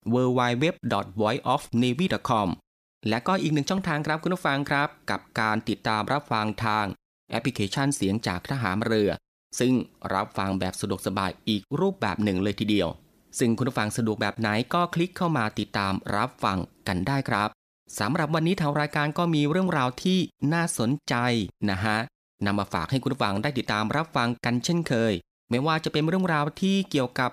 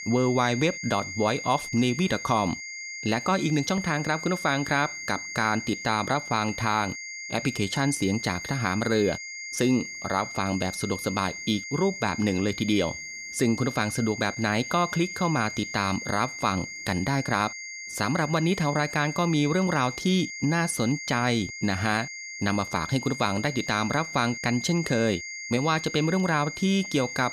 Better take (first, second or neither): first